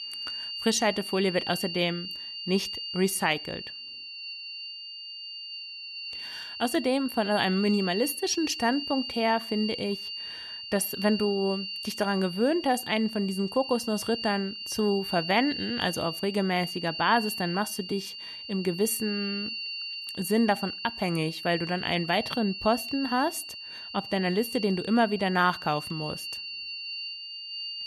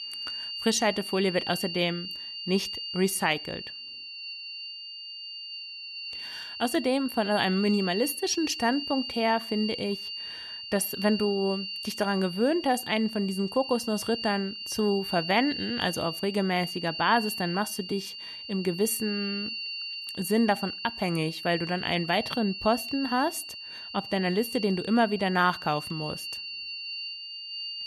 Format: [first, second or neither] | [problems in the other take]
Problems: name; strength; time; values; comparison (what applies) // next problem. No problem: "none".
neither | high-pitched whine; loud; throughout; 4.5 kHz, 7 dB below the speech; the same in both